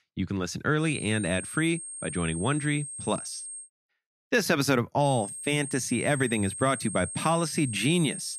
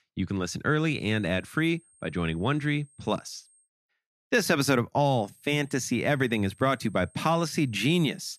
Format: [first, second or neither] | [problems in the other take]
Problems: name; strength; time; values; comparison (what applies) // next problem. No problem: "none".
second | high-pitched whine; loud; from 1 to 3.5 s and from 5 s on; 8.5 kHz, 8 dB below the speech; faint in the second